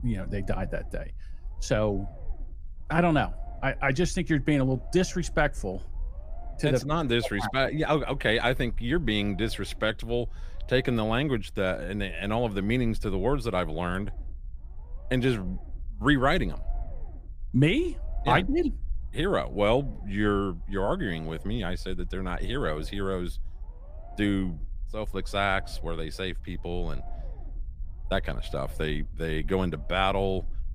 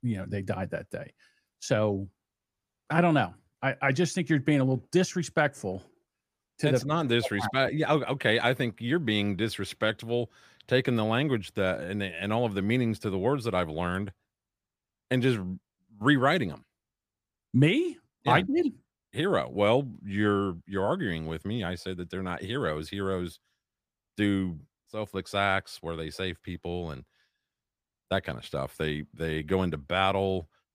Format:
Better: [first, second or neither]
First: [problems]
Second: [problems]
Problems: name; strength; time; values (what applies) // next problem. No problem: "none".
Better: second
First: low rumble; faint; throughout; 25 dB below the speech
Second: none